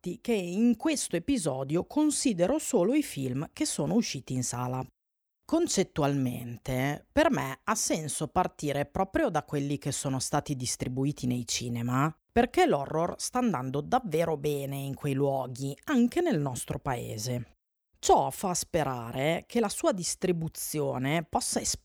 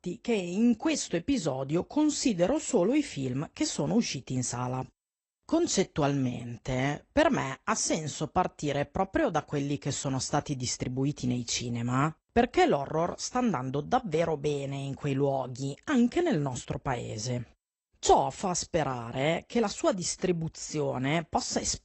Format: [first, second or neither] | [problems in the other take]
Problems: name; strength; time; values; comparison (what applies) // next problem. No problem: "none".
first | garbled, watery; slightly; nothing above 8 kHz